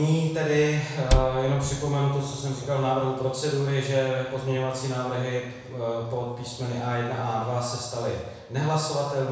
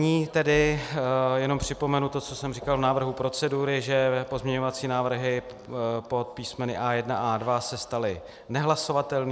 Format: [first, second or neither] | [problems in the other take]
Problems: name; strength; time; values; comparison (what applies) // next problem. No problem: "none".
second | background sound (Cupboard open or close); 1 dB above the speech // room echo; dies away in 1 s